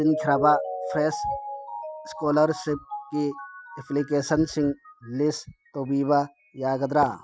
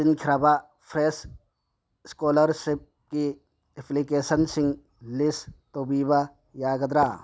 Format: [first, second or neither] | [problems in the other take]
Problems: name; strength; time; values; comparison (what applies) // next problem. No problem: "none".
second | noise reduction (classical method spectral subtraction)